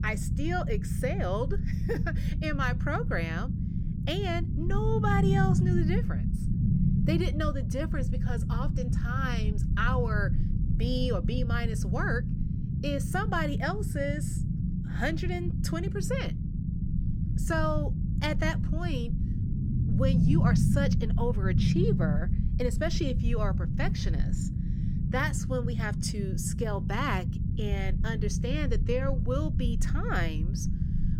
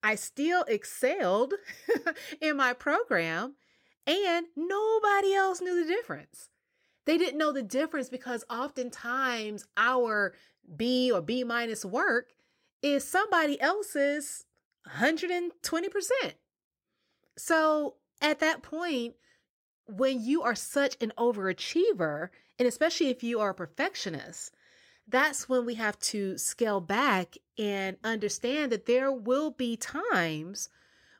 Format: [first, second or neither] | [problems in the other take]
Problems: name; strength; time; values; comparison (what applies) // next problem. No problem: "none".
second | low rumble; loud; throughout; 7 dB below the speech